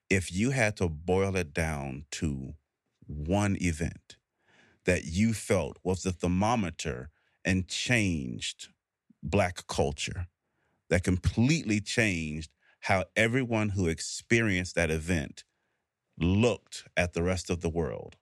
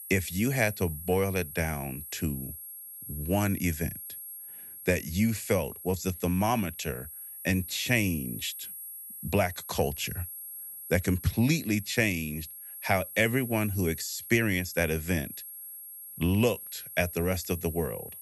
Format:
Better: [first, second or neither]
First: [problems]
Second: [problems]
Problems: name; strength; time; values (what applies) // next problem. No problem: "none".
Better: first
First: none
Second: high-pitched whine; noticeable; throughout; 11.5 kHz, 10 dB below the speech